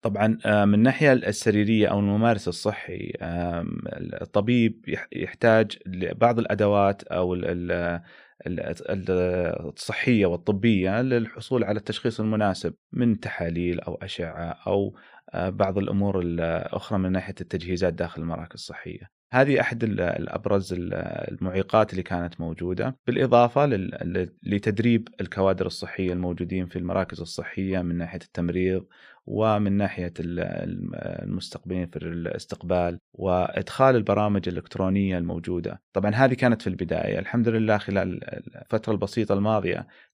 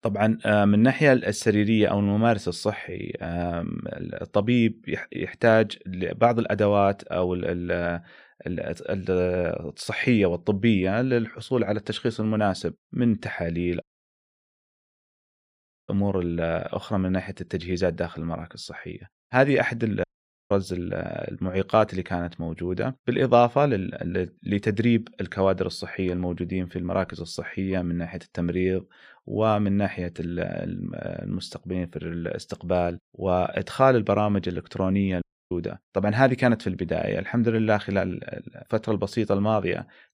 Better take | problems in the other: first | audio cutting out; at 14 s for 2 s, at 20 s and at 35 s

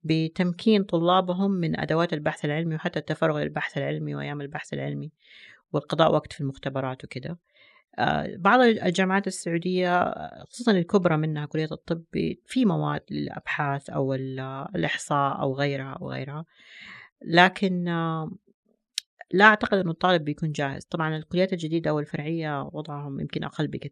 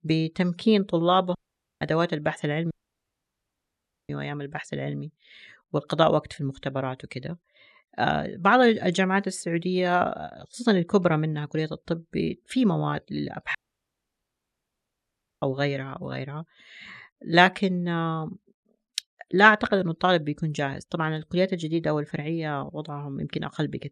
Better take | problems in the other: first | audio cutting out; at 1.5 s, at 2.5 s for 1.5 s and at 14 s for 2 s

